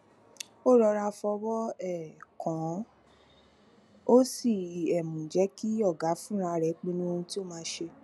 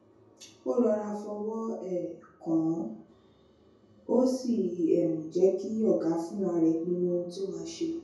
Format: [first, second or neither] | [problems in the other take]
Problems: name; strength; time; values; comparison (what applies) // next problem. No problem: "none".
first | room echo; dies away in 0.6 s